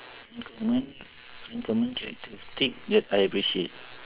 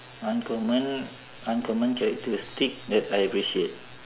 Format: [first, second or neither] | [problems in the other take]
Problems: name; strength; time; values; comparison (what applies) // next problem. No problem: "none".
second | noise reduction (neural separator model SepFormer WHAM!)